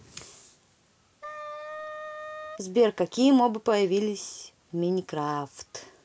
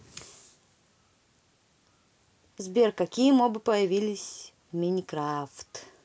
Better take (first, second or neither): second